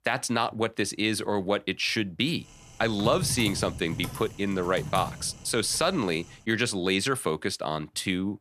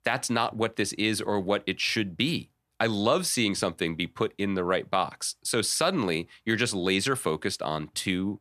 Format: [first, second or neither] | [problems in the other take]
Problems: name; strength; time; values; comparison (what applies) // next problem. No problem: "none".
second | keyboard typing; noticeable; from 3 to 6 s; peak 5 dB below the speech